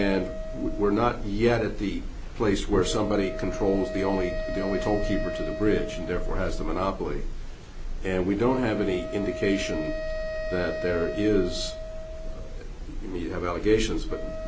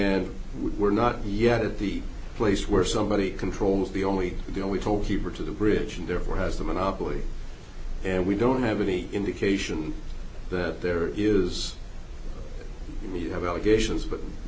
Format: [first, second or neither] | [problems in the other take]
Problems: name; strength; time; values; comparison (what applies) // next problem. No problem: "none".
second | background sound (Wind instrument, woodwind instrument); 10 dB below the speech